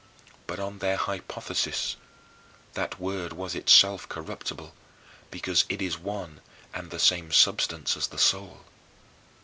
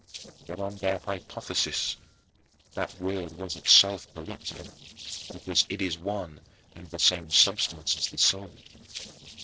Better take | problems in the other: first | noise reduction (neural separator model SepFormer DNS4)

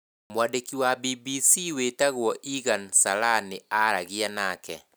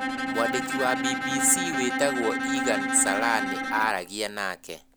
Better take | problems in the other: first | background sound (Bowed string instrument); 1 dB below the speech

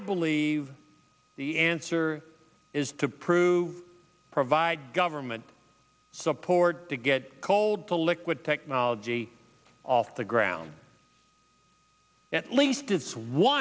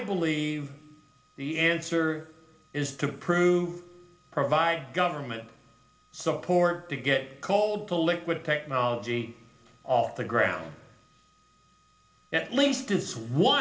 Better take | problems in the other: first | room echo; dies away in 0.8 s

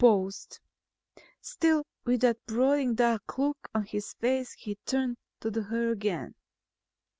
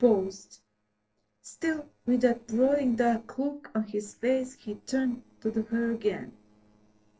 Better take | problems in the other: first | noise reduction (neural separator model SepFormer DNS4)

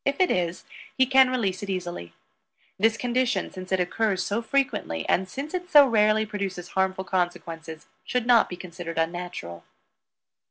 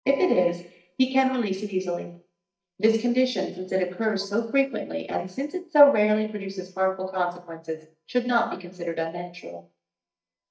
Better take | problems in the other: first | noise reduction (neural mask model DeepFilterNet 3)

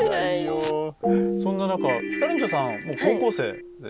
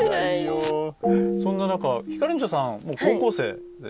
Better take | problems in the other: second | background sound (Ringtone / Keyboard (musical)); 7 dB below the speech

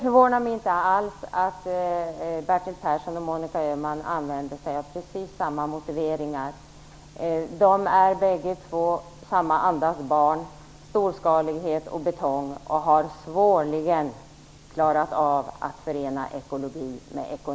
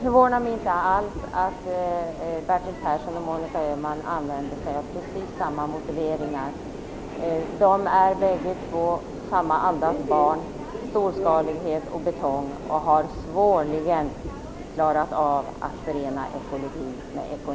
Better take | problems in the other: first | background sound (Subway, metro, underground); 10 dB below the speech

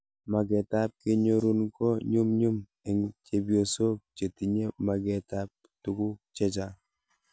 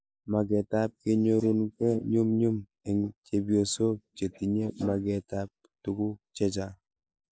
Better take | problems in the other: first | noise reduction (neural mask model Resemble Enhance denoiser)

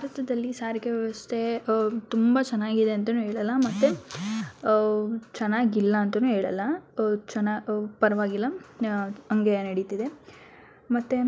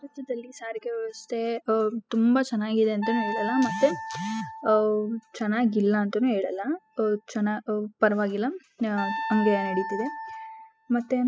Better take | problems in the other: first | noise reduction (classical method spectral subtraction)

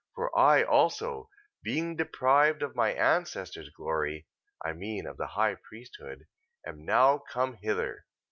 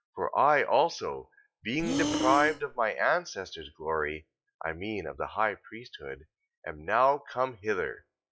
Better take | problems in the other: first | noise reduction (classical method log-MMSE)

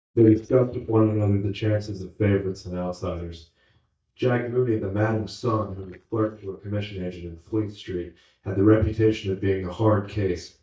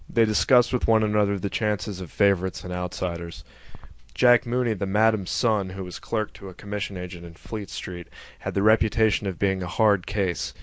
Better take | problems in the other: second | noise reduction (neural mask model DeepFilterNet 3)

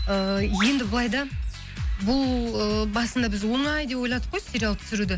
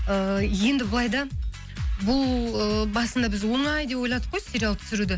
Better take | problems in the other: second | background sound (Bird); 16 dB below the speech

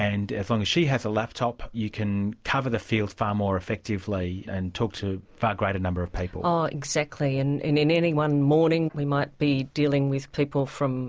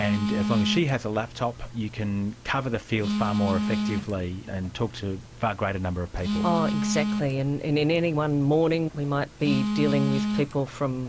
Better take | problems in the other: first | background sound (Telephone); 4 dB below the speech

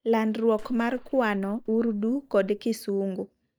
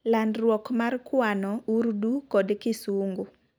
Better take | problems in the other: second | noise reduction (neural mask model DeepFilterNet 3)

